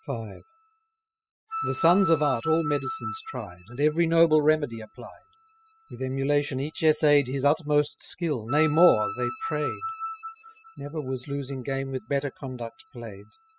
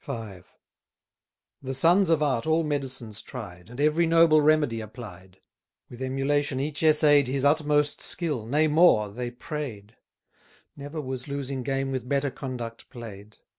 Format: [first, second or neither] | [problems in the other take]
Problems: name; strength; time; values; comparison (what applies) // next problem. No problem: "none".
second | noise reduction (classical method spectral subtraction)